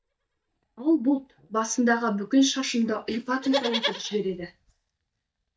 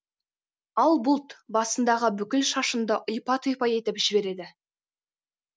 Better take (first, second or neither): second